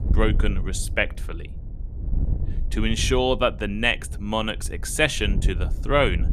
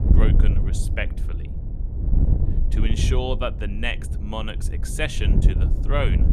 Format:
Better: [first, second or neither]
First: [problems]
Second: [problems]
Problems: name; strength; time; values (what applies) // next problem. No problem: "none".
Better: first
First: wind noise on the microphone; occasional gusts; 20 dB below the speech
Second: wind noise on the microphone; heavy; 8 dB below the speech